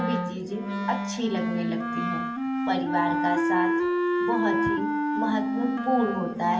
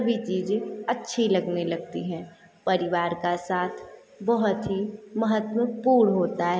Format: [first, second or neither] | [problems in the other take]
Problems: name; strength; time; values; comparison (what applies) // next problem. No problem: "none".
second | background sound (Wind instrument, woodwind instrument); 2 dB above the speech // room echo; dies away in 0.3 s